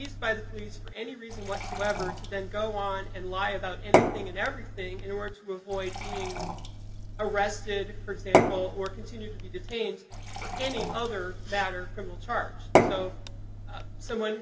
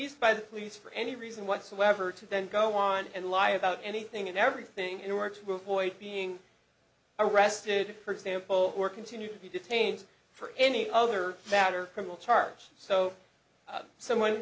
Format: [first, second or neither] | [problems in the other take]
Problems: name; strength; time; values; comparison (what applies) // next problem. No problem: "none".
second | background sound (Fill (with liquid) / Glass / Water); 3 dB above the speech // room echo; dies away in 1.5 s